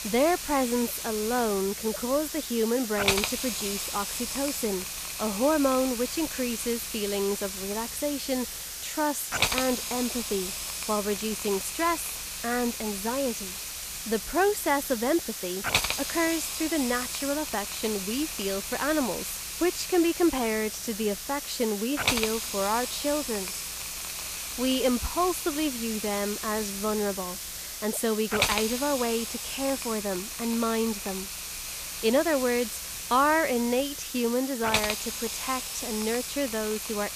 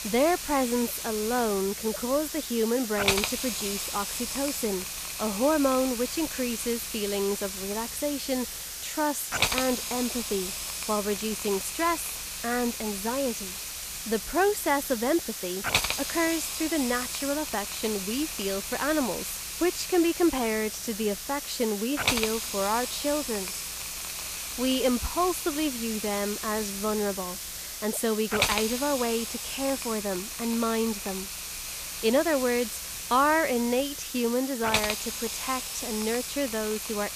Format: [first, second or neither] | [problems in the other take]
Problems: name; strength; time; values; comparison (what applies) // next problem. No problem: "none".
neither | hiss; loud; throughout; 3 dB below the speech; the same in both